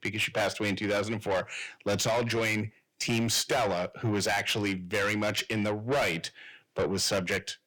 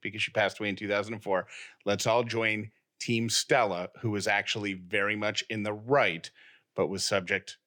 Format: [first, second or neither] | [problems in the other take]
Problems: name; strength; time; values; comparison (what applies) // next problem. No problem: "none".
second | distortion; heavy; 6 dB below the speech